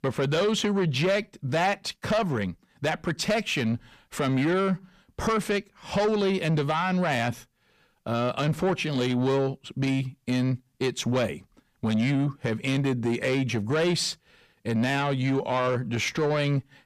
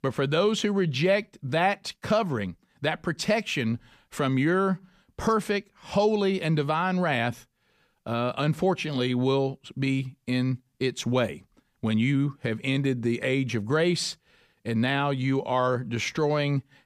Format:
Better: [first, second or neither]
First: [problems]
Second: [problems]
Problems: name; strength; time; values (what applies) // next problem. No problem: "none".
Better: second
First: distortion; slight; 10 dB below the speech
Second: none